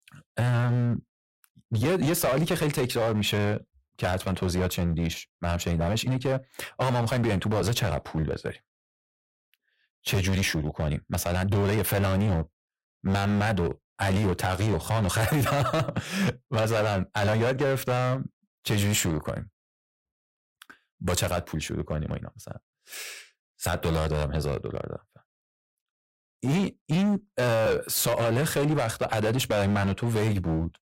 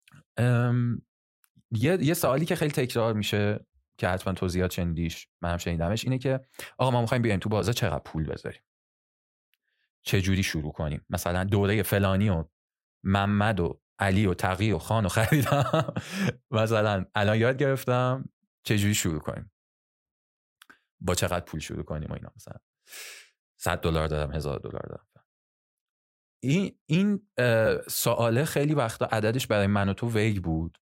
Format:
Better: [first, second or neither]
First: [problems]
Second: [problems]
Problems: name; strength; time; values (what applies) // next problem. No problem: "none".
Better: second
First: distortion; heavy; 13% of the sound clipped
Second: none